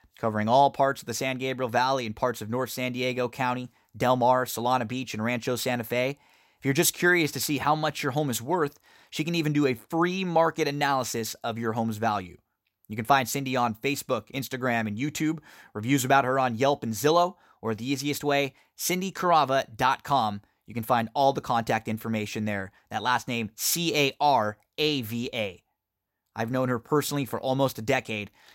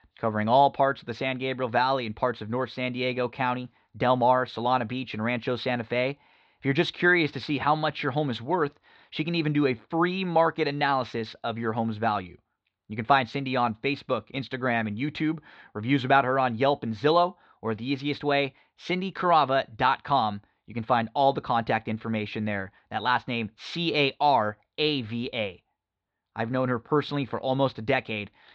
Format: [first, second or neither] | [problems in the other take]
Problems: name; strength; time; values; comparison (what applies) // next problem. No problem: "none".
first | muffled; slightly; fading above 4 kHz